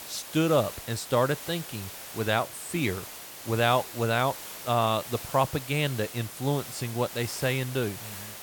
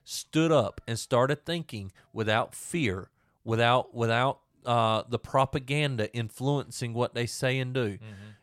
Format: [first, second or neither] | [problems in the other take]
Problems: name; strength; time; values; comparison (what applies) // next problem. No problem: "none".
second | hiss; noticeable; throughout; 10 dB below the speech